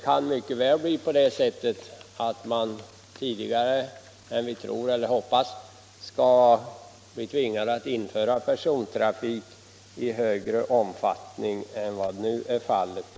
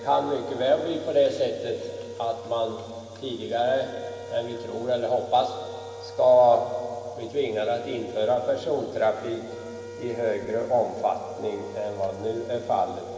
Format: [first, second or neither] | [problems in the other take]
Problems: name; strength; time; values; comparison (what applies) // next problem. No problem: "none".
first | background sound (Wind instrument, woodwind instrument); 15 dB below the speech // room echo; dies away in 2.5 s